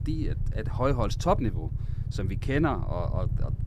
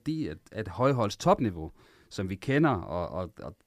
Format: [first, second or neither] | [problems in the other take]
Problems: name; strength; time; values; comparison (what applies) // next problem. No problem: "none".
second | low rumble; noticeable; throughout; 15 dB below the speech